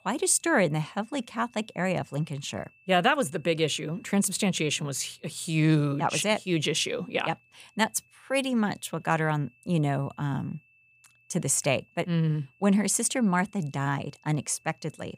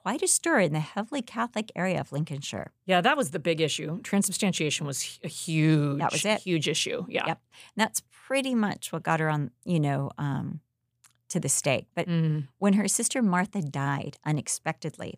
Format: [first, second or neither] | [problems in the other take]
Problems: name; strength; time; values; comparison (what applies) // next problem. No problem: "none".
second | high-pitched whine; faint; throughout; 2.5 kHz, 35 dB below the speech